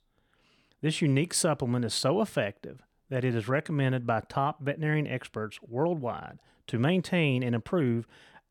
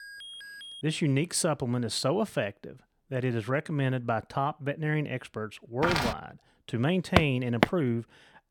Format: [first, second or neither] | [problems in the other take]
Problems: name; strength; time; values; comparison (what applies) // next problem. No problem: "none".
first | alarm; faint; at the start; peak 10 dB below the speech // footsteps; loud; at 6 s and at 7 s; peak 2 dB above the speech